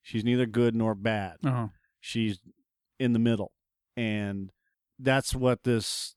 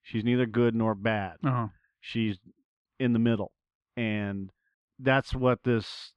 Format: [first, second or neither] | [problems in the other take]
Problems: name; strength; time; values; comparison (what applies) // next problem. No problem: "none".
first | muffled; slightly; fading above 2.5 kHz